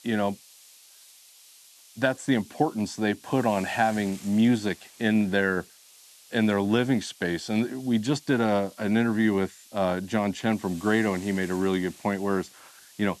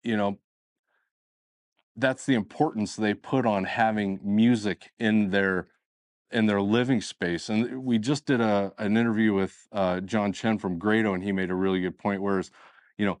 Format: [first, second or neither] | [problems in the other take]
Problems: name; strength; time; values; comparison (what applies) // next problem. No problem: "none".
second | hiss; faint; throughout; 20 dB below the speech